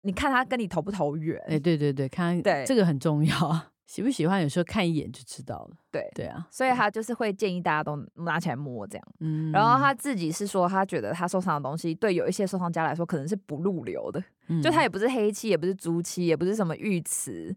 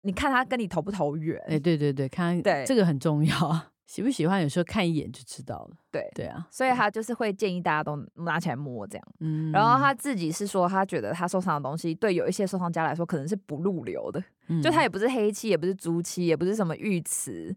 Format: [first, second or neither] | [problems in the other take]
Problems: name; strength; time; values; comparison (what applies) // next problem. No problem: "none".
neither | none